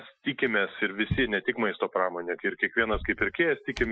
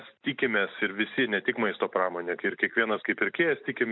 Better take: second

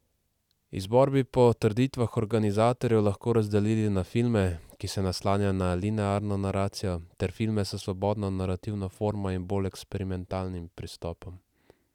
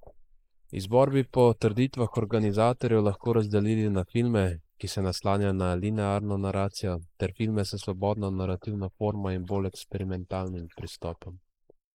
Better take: first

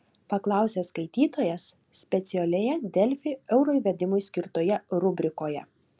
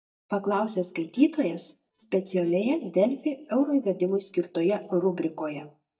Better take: first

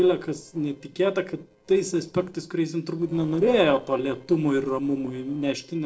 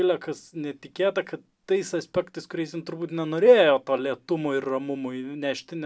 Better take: second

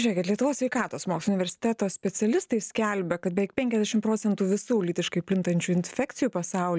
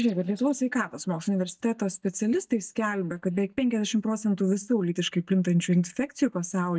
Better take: first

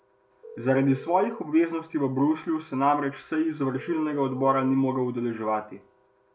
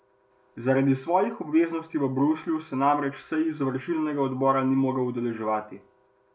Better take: second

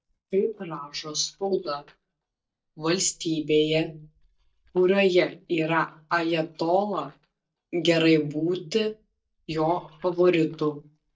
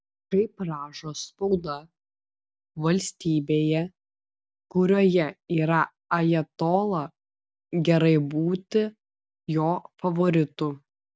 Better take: second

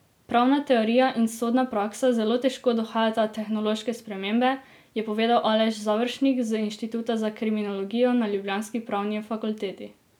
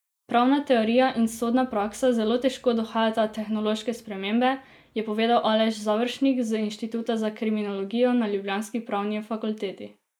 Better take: first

